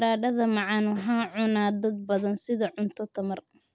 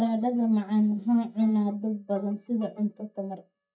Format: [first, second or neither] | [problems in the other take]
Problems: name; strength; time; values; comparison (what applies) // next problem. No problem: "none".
first | noise reduction (neural mask model DeepFilterNet 3)